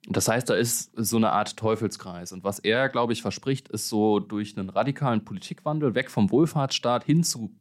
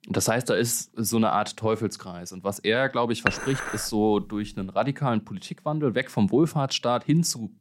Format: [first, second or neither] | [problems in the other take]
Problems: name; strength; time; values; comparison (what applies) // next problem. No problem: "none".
first | clattering dishes; noticeable; at 3.5 s; peak 2 dB below the speech